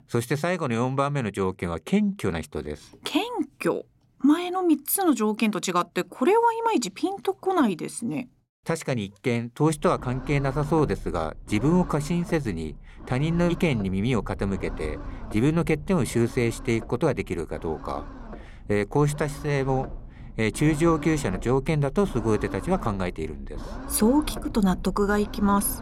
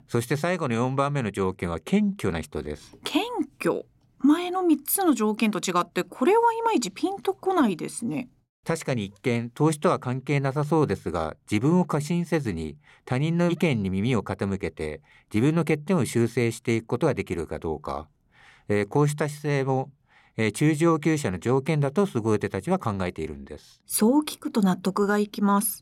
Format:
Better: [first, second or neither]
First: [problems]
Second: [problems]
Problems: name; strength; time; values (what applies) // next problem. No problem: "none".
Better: second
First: low rumble; noticeable; from 9.5 s on; 15 dB below the speech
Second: none